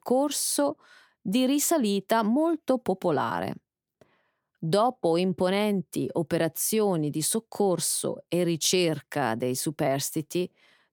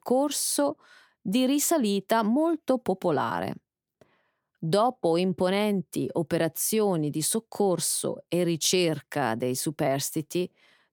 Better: neither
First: none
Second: none

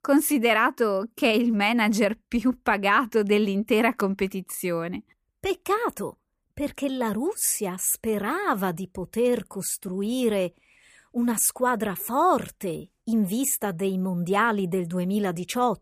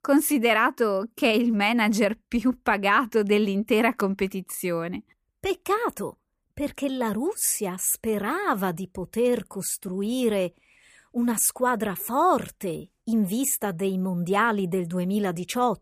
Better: neither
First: none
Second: none

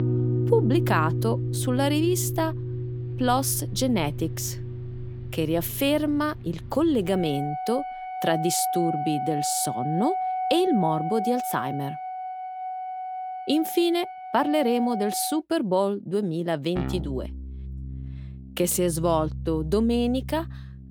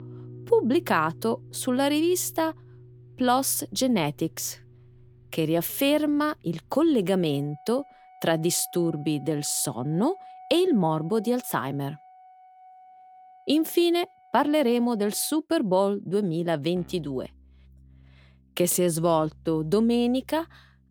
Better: second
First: background music; loud; throughout; 6 dB below the speech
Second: background music; faint; throughout; 25 dB below the speech

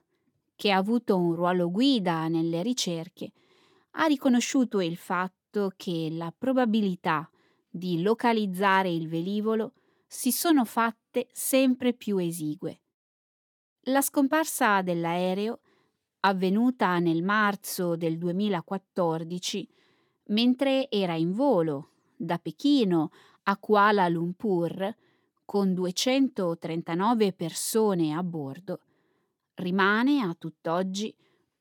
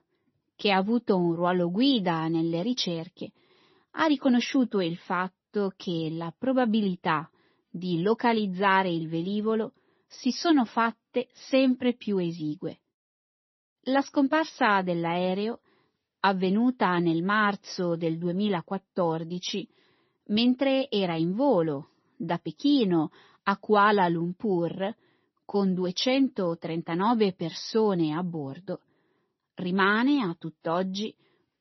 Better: first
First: none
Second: garbled, watery; slightly; nothing above 6 kHz

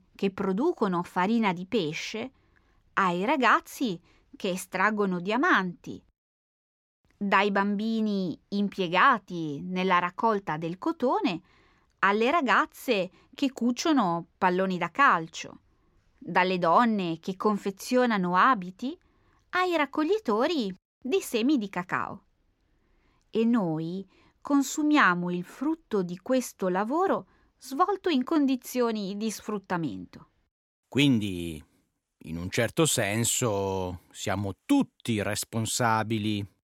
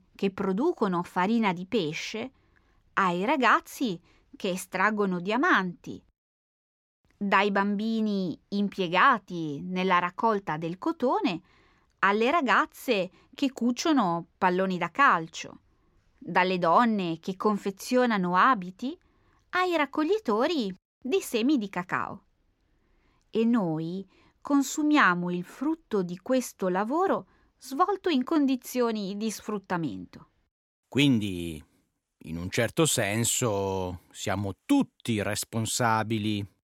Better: neither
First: none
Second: none

